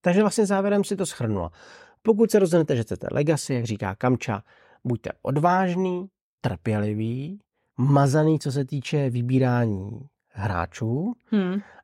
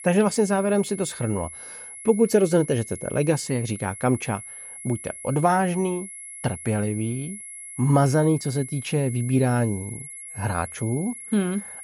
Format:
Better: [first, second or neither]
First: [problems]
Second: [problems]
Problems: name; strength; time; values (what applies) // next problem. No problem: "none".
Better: first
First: none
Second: high-pitched whine; noticeable; throughout; 11 kHz, 10 dB below the speech